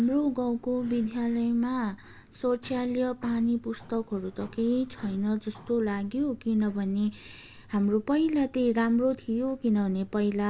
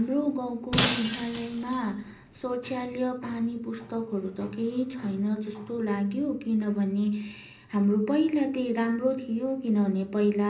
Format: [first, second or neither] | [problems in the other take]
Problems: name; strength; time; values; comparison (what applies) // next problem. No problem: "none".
first | background sound (Shatter); 4 dB below the speech // room echo; dies away in 0.5 s